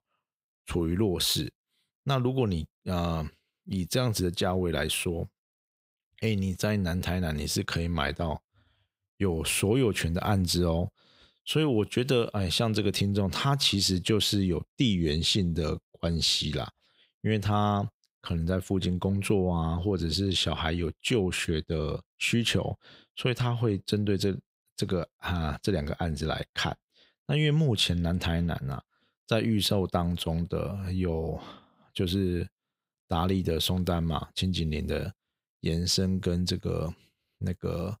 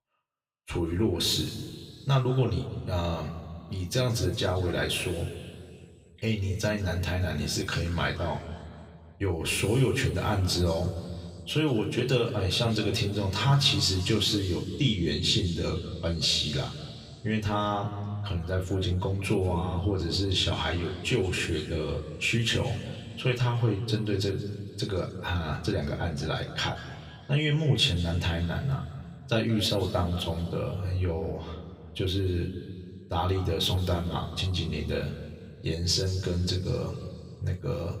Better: first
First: none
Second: room echo; slight; dies away in 2.1 s // off-mic speech; somewhat distant

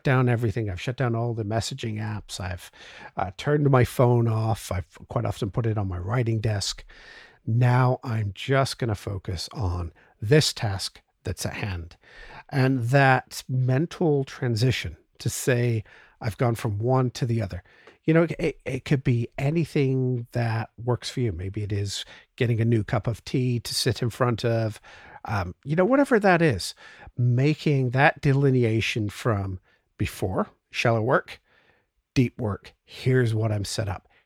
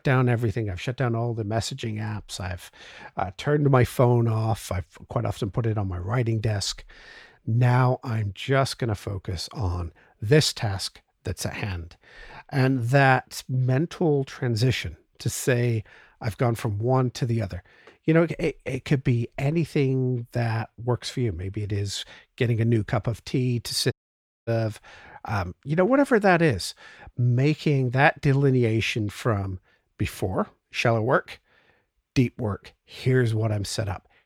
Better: first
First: none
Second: audio cutting out; at 24 s for 0.5 s

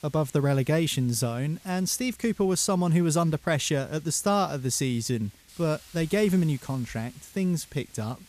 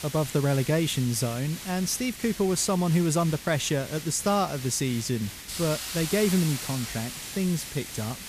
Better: first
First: hiss; faint; throughout; 25 dB below the speech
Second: hiss; loud; throughout; 9 dB below the speech

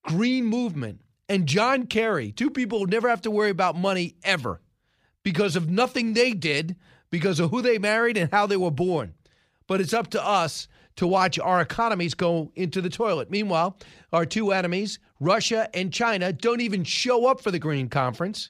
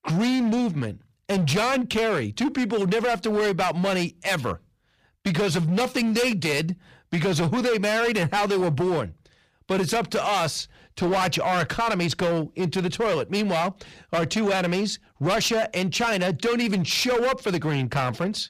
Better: first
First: none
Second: distortion; heavy; 20% of the sound clipped

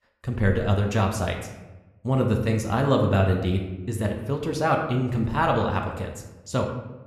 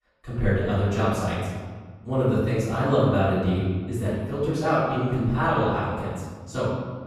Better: first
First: room echo; slight; dies away in 0.8 s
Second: room echo; strong; dies away in 1.4 s // off-mic speech; far

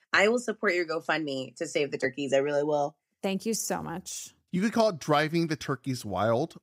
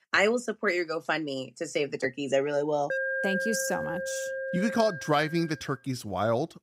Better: first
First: none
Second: alarm; loud; from 3 to 5.5 s; peak level with the speech

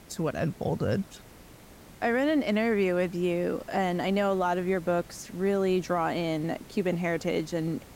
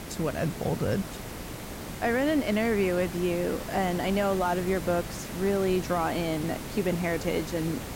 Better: first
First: hiss; faint; throughout; 20 dB below the speech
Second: hiss; loud; throughout; 9 dB below the speech

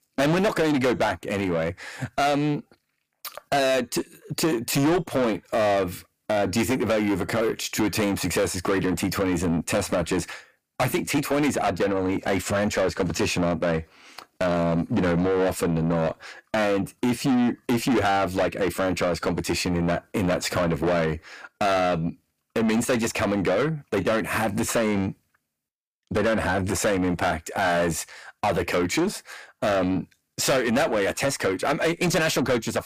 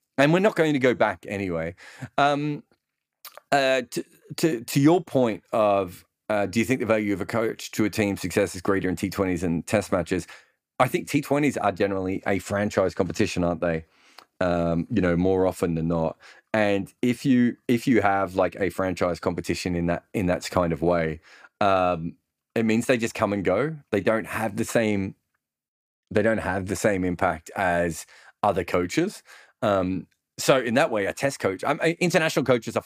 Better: second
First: distortion; heavy; 6 dB below the speech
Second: none

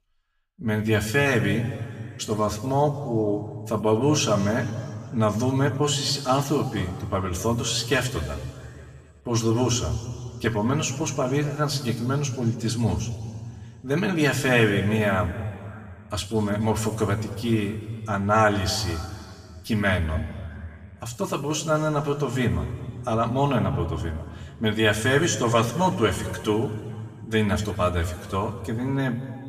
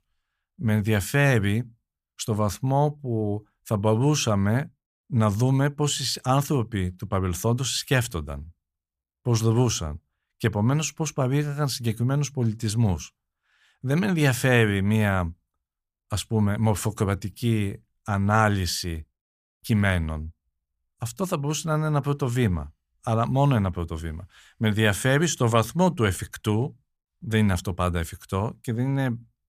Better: second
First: room echo; slight; dies away in 2.1 s // off-mic speech; somewhat distant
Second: none

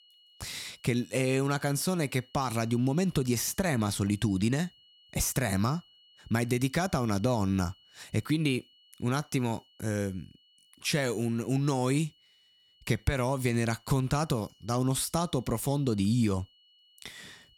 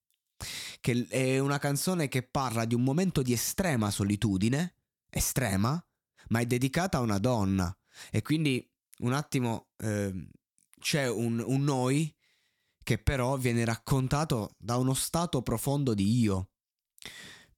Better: second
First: high-pitched whine; faint; throughout; 3 kHz, 30 dB below the speech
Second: none

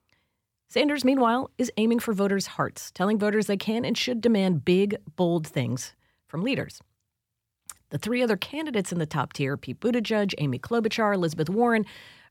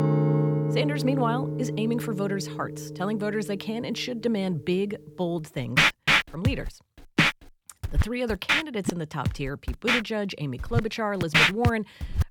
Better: first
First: none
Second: background music; very loud; throughout; 4 dB above the speech

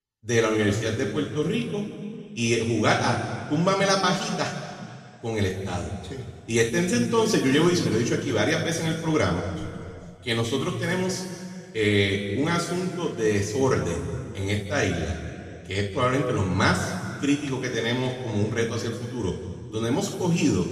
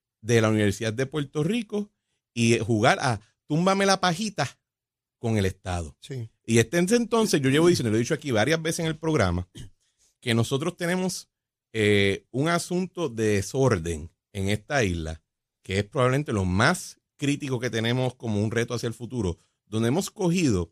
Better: second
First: room echo; noticeable; dies away in 2 s // off-mic speech; far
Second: none

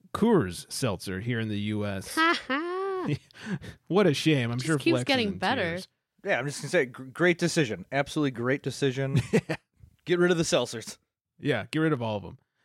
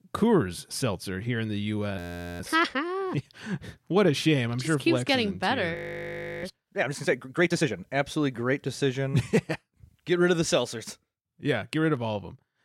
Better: first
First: none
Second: audio freezing; at 2 s and at 6 s for 0.5 s

